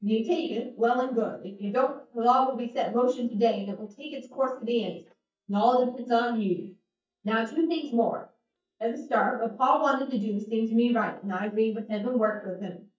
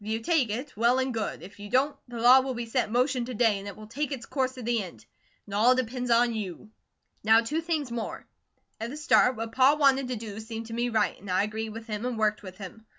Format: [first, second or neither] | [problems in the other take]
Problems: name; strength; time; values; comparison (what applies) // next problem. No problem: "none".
second | noise reduction (neural mask model DeepFilterNet 3)